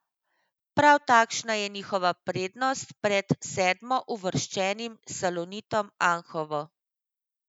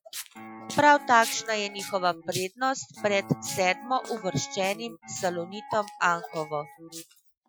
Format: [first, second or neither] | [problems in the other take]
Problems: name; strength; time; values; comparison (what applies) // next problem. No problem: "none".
first | noise reduction (classical method Wiener filter)